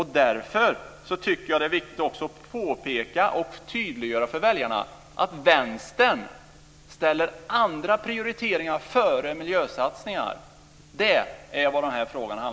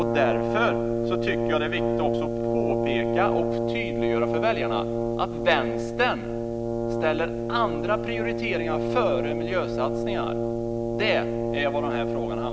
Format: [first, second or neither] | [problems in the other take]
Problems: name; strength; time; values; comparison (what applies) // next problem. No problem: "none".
first | background sound (Brass instrument); 2 dB above the speech